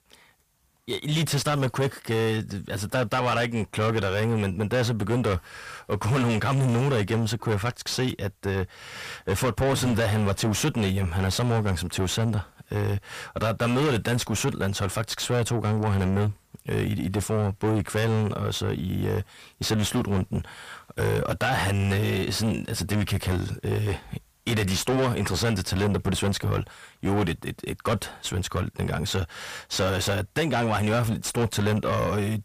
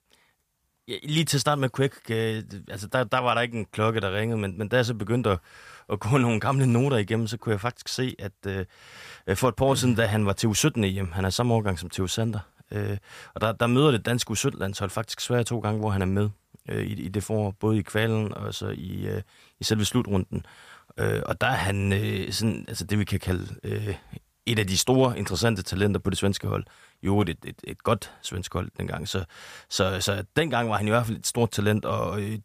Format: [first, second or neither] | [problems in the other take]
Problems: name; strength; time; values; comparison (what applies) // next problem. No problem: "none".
second | distortion; heavy; 7 dB below the speech